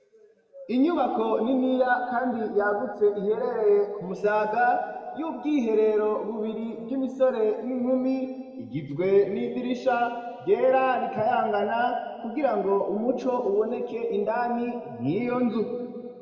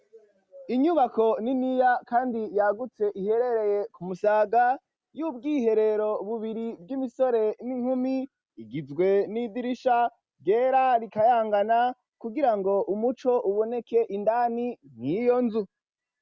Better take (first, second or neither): second